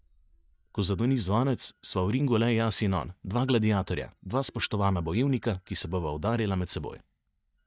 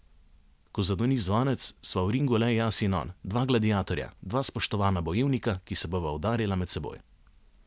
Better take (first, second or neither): second